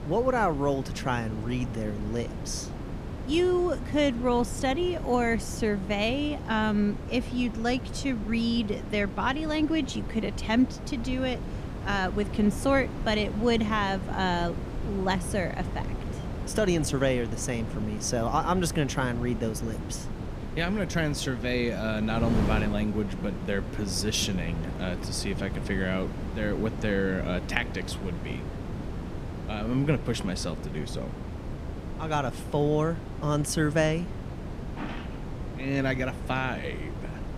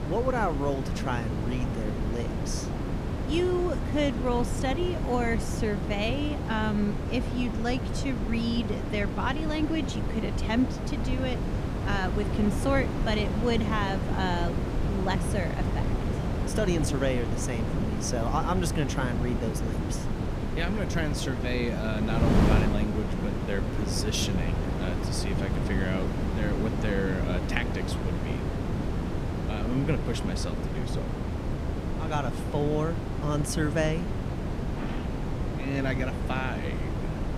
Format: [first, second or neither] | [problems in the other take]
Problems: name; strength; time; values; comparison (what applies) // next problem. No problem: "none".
first | wind noise on the microphone; heavy; 4 dB below the speech; occasional gusts in the first